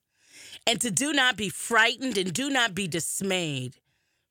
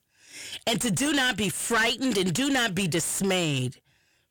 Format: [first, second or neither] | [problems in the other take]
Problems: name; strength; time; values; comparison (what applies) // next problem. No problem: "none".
first | distortion; heavy; 5 dB below the speech